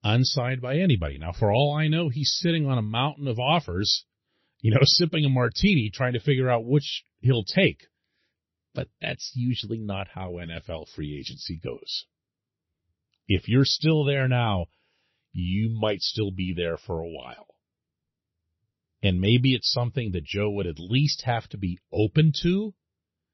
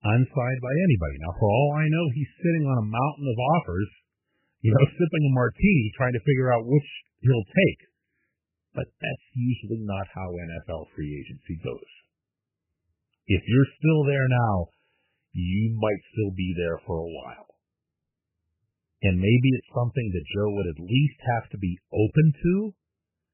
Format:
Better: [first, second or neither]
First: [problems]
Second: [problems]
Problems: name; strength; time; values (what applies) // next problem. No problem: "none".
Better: first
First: garbled, watery; slightly; nothing above 6 kHz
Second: garbled, watery; badly; nothing above 3 kHz